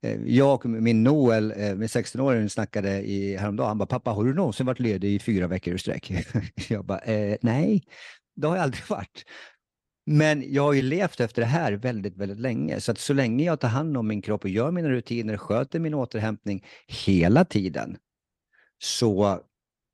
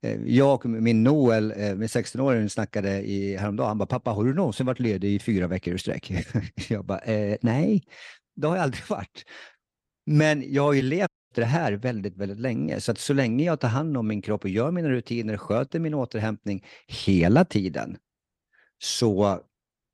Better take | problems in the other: first | audio cutting out; at 11 s

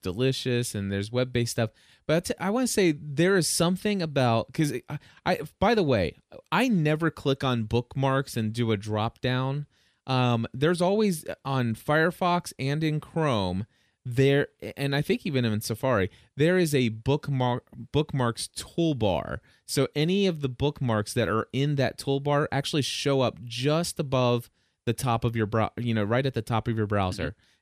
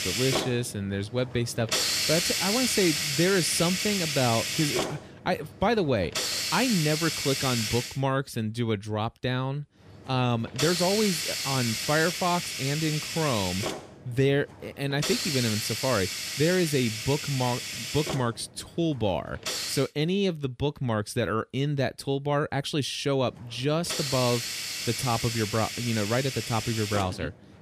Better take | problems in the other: first | hiss; loud; until 8 s, from 10 to 20 s and from 23 s on; 1 dB below the speech

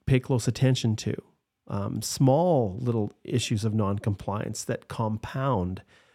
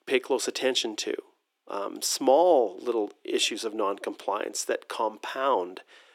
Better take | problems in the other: first | thin; very; fading below 350 Hz

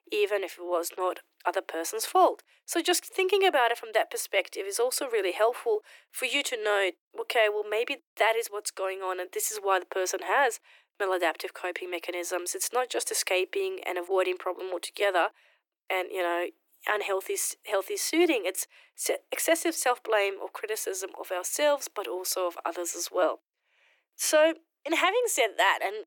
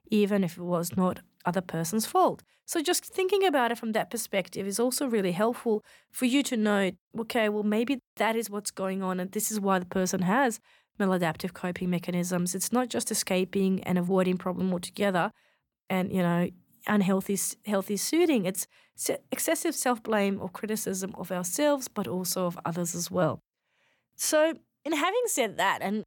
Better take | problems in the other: second | thin; very; fading below 350 Hz

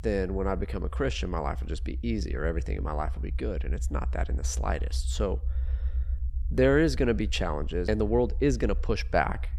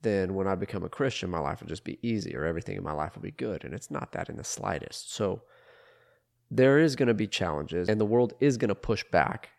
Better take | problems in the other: second | low rumble; faint; throughout; 25 dB below the speech

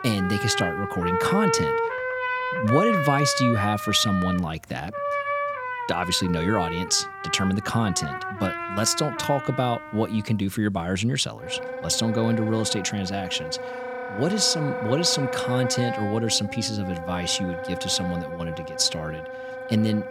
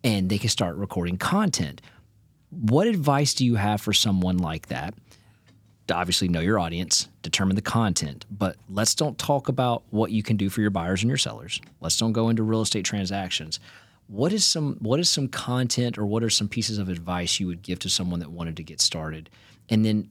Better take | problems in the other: second | background music; loud; throughout; 5 dB below the speech

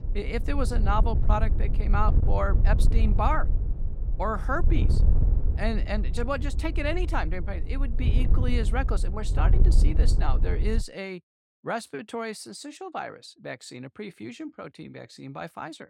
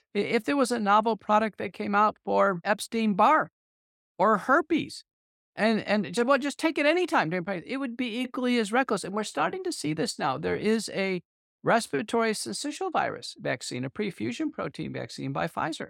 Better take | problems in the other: second | wind noise on the microphone; occasional gusts; until 11 s; 10 dB below the speech

